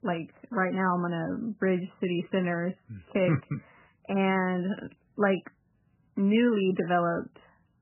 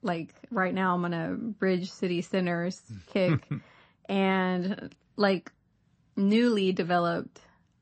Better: second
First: garbled, watery; badly; nothing above 3 kHz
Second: garbled, watery; slightly; nothing above 8 kHz

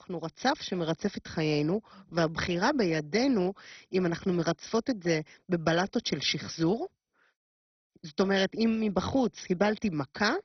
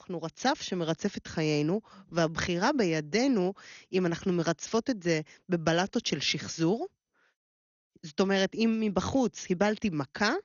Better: second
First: garbled, watery; badly; nothing above 6 kHz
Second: garbled, watery; slightly; nothing above 6.5 kHz

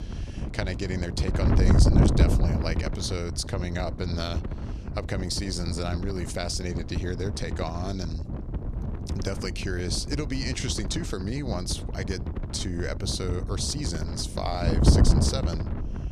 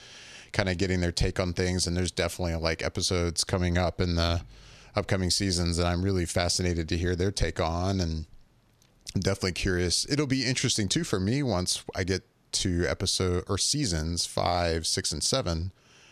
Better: second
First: wind noise on the microphone; heavy; 5 dB below the speech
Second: none

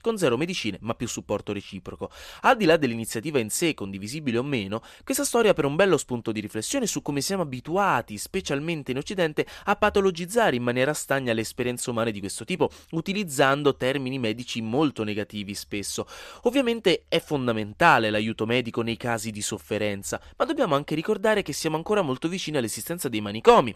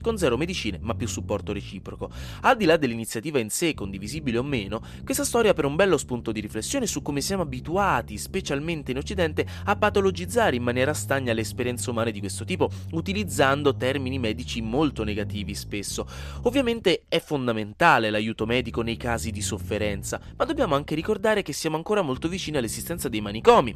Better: first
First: none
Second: low rumble; faint; throughout; 25 dB below the speech

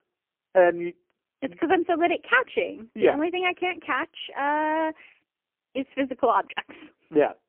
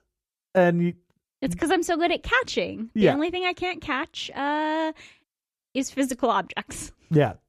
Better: second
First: phone-call audio; poor line; nothing above 3 kHz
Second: none

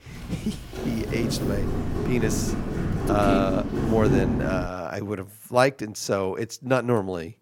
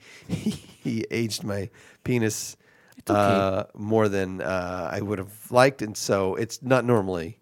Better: second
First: footsteps; loud; until 4.5 s; peak 4 dB above the speech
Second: none

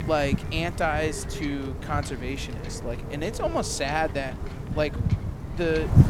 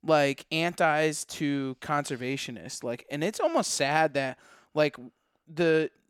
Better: second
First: wind noise on the microphone; occasional gusts; 10 dB below the speech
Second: none

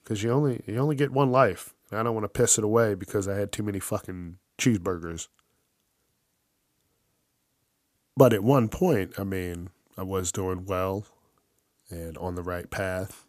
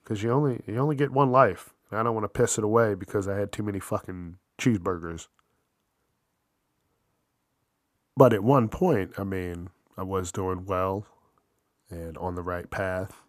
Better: first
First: none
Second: muffled; slightly; fading above 3 kHz

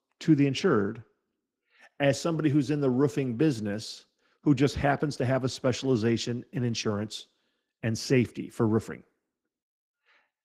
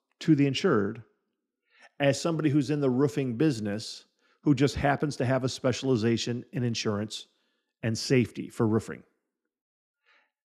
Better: second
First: garbled, watery; slightly; nothing above 15.5 kHz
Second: none

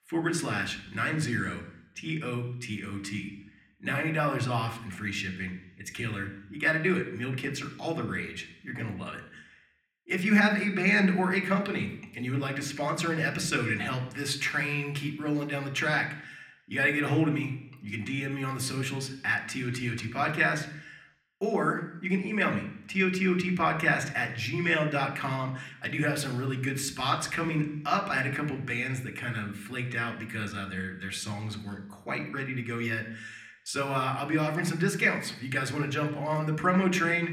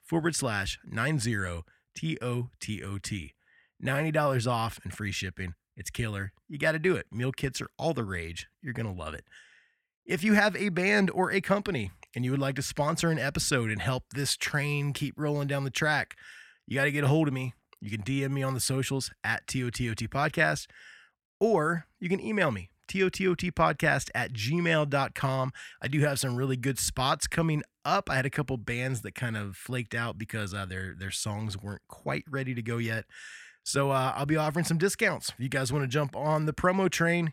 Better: second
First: room echo; slight; dies away in 0.8 s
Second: none

